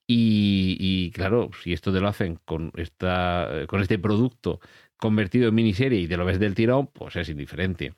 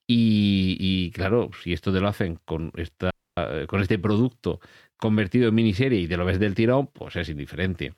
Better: first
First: none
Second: audio cutting out; at 3 s

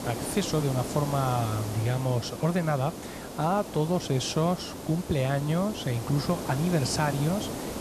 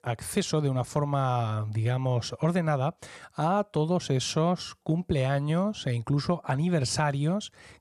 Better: second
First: hiss; loud; throughout; 8 dB below the speech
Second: none

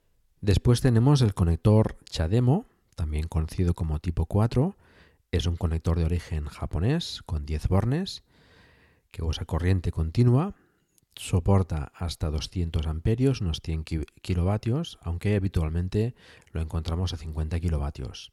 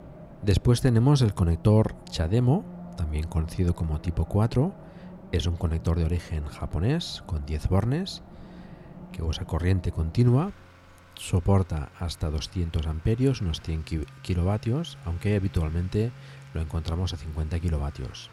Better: first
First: none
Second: traffic noise; noticeable; throughout; 20 dB below the speech

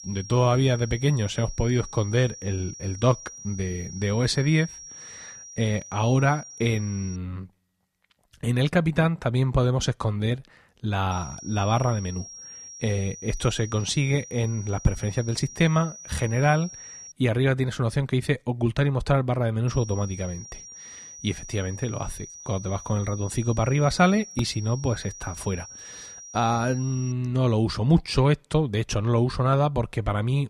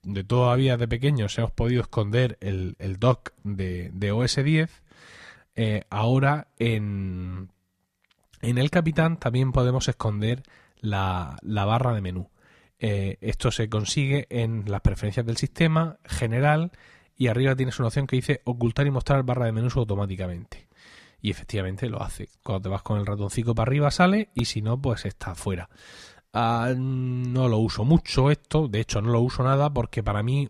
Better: second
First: high-pitched whine; noticeable; until 7 s, from 11 to 17 s and from 20 to 27 s; 5.5 kHz, 15 dB below the speech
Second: none

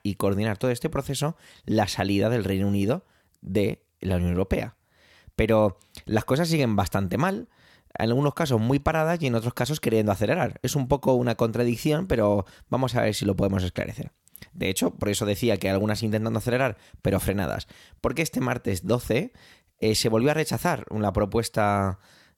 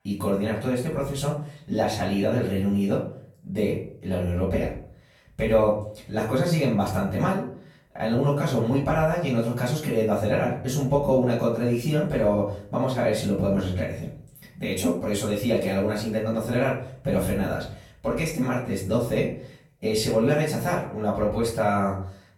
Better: first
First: none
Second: off-mic speech; far // room echo; noticeable; dies away in 0.4 s

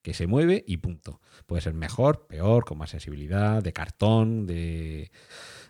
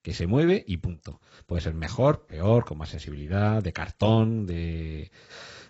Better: first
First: none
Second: garbled, watery; badly; nothing above 7.5 kHz

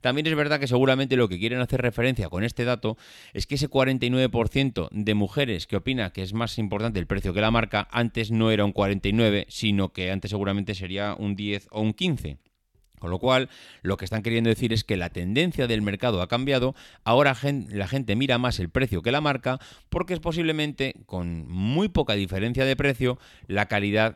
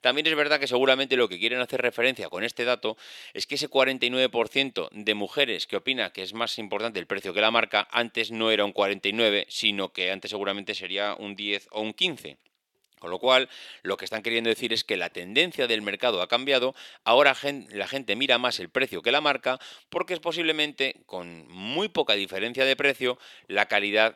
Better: first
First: none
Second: thin; somewhat; fading below 450 Hz

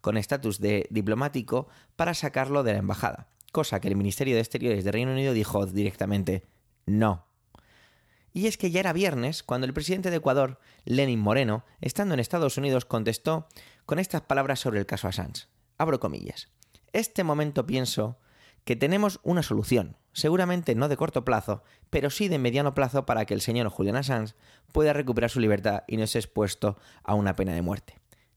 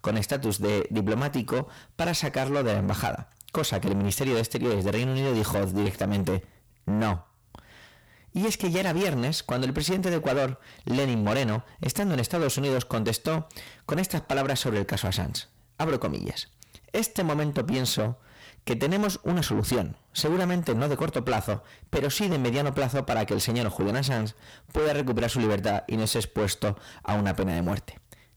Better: first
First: none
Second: distortion; heavy; 6 dB below the speech

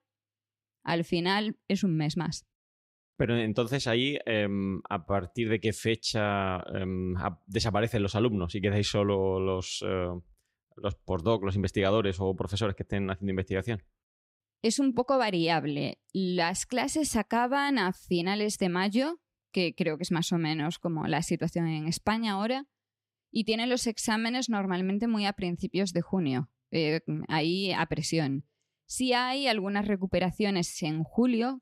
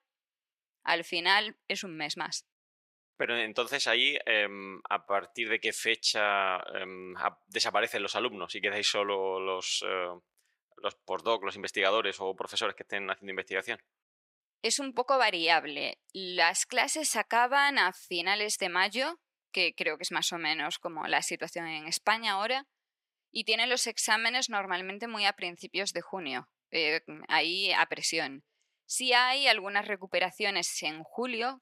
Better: first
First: none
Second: thin; very; fading below 650 Hz

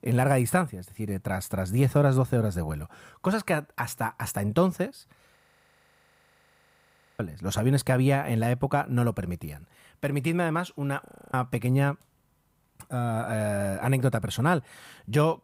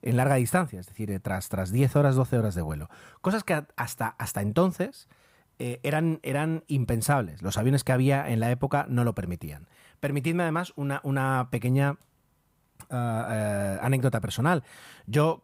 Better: second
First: audio freezing; at 5.5 s for 2 s and at 11 s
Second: none

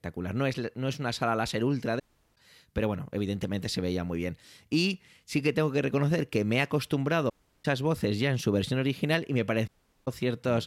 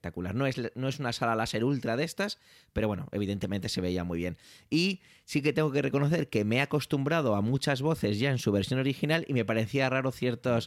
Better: second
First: audio cutting out; at 2 s, at 7.5 s and at 9.5 s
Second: none

